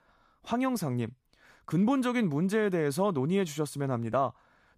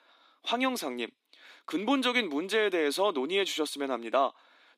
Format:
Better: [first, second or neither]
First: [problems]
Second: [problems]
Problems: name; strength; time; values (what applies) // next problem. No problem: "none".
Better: first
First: none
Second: thin; somewhat; fading below 300 Hz